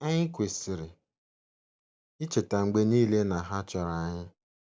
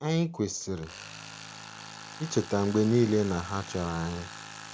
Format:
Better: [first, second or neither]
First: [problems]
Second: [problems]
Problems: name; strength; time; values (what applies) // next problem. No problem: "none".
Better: first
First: none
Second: background sound (Tools); 15 dB below the speech